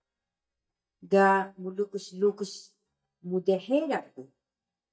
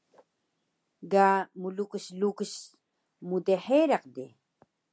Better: second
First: noise reduction (neural mask model DeepFilterNet 3)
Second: none

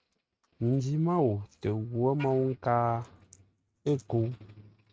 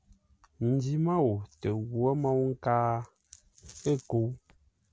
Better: second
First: noise reduction (neural mask model RNNoise)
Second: none

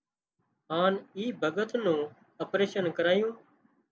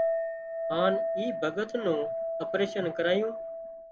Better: first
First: none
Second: background sound (Chink, clink); 2 dB below the speech

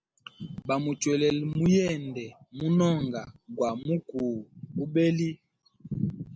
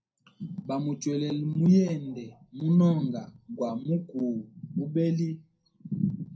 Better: first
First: none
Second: room echo; dies away in 0.3 s

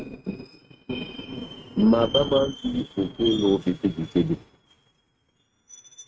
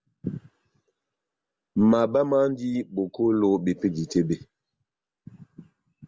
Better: second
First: noise reduction (neural mask model RNNoise)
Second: none

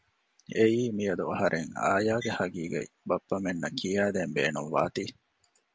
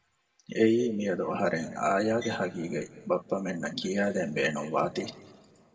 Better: first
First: none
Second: room echo; dies away in 1.5 s

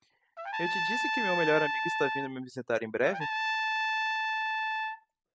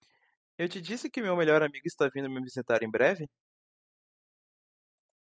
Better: second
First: background sound (Trumpet); 2 dB above the speech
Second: none

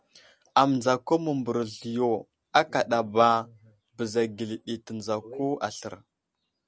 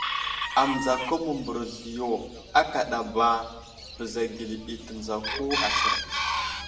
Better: first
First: none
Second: background sound (Chicken, rooster); 4 dB below the speech // room echo; dies away in 0.7 s

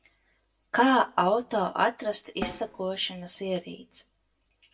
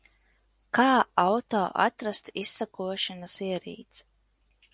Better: second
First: background sound (Snare drum); 13 dB below the speech // room echo; dies away in 0.2 s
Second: none

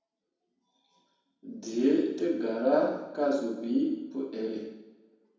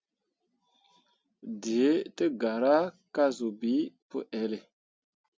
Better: second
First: room echo; dies away in 0.9 s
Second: none

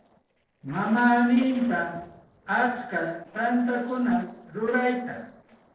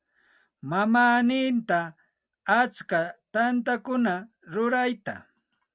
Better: second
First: noise reduction (neural separator model SepFormer DNS4)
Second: none

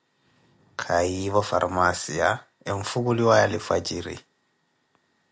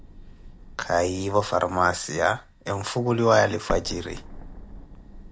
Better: first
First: none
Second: background sound (Explosion); 14 dB below the speech

